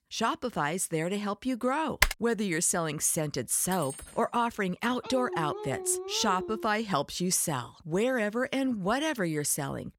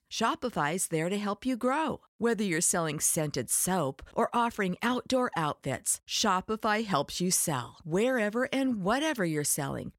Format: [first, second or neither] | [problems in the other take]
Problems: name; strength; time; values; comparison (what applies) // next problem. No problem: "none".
second | keyboard typing; loud; at 2 s; peak 2 dB above the speech // clattering dishes; faint; at 3.5 s; peak 10 dB below the speech // dog barking; noticeable; from 5 to 6.5 s; peak 7 dB below the speech